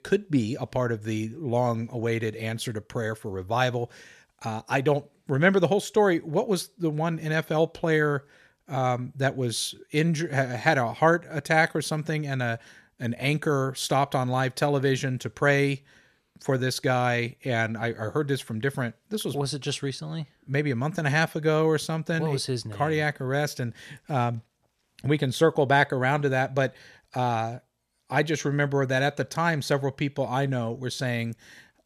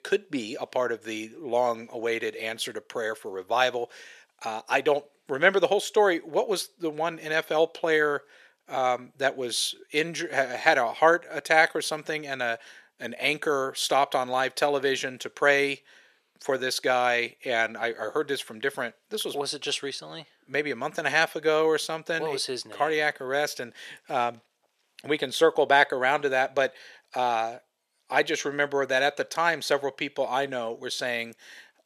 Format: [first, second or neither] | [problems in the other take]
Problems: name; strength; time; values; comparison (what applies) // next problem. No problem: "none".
first | thin; somewhat; fading below 450 Hz